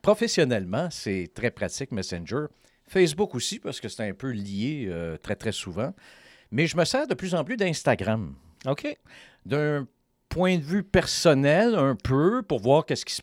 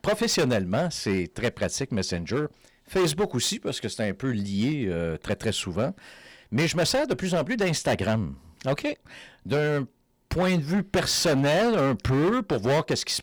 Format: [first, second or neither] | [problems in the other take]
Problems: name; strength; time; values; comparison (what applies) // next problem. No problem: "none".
first | distortion; heavy; 12% of the sound clipped